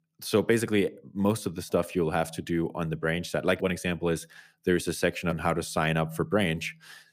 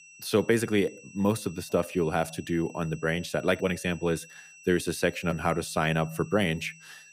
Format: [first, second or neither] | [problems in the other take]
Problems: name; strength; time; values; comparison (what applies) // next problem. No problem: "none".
first | high-pitched whine; faint; throughout; 2.5 kHz, 20 dB below the speech